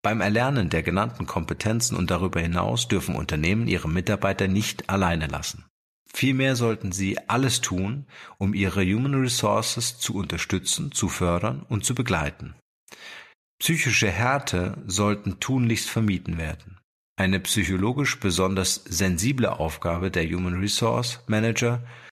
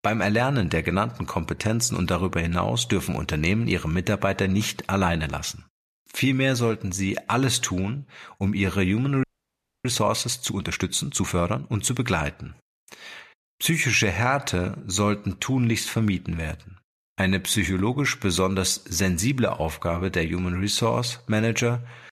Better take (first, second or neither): first